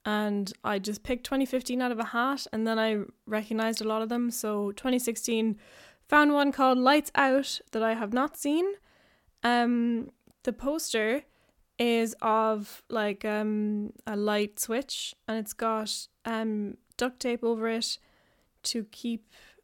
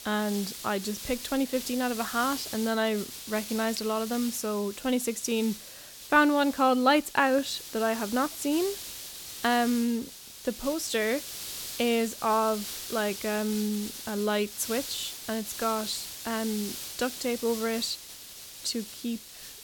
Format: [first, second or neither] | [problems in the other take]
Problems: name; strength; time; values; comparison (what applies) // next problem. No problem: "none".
first | hiss; loud; throughout; 9 dB below the speech